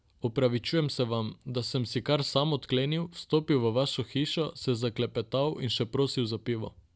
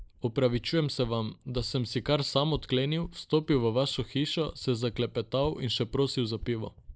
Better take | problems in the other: first | noise reduction (neural mask model Resemble Enhance denoiser)

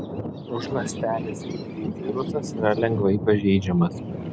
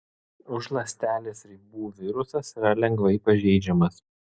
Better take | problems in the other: second | background sound (Thunder); 6 dB below the speech

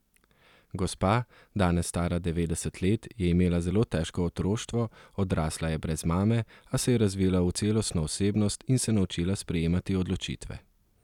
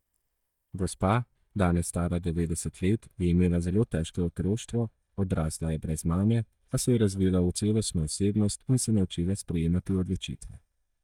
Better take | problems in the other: first | noise reduction (neural mask model DeepFilterNet 3)

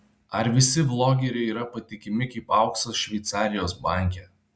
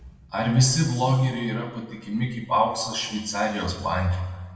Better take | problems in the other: first | room echo; dies away in 1.2 s

